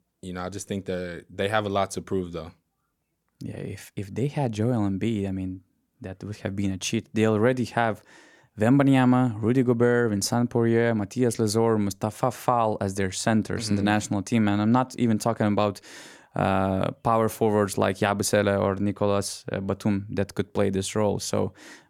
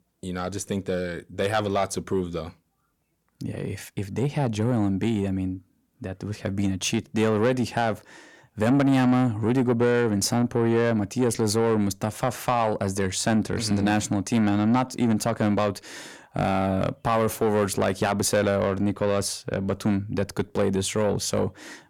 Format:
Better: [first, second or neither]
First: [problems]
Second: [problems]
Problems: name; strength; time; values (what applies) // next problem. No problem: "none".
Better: first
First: none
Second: distortion; slight; 10 dB below the speech